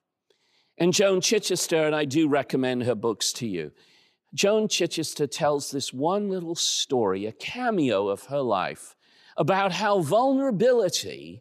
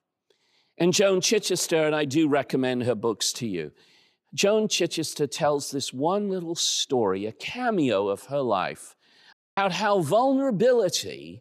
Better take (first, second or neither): first